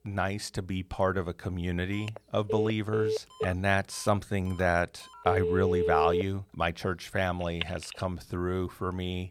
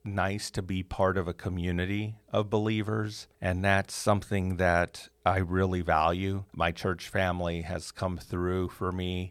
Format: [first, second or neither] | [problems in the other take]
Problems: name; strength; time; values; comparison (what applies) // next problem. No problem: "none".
second | phone ringing; loud; from 2 to 8 s; peak 3 dB above the speech